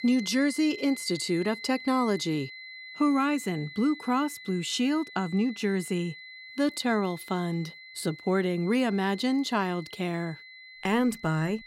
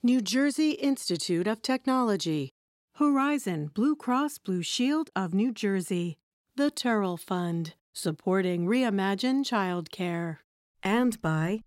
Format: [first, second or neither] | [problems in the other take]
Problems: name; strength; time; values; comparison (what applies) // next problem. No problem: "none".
second | high-pitched whine; noticeable; throughout; 2 kHz, 15 dB below the speech